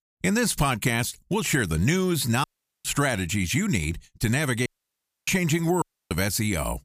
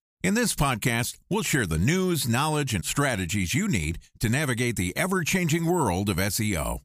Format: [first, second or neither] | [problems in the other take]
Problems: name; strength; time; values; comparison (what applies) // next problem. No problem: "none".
second | audio cutting out; at 2.5 s, at 4.5 s for 0.5 s and at 6 s